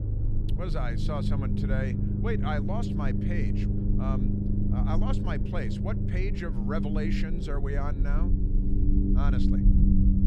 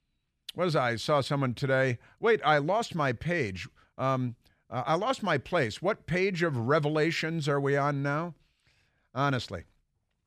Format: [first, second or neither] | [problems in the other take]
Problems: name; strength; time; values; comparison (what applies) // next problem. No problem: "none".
second | low rumble; loud; throughout; 1 dB below the speech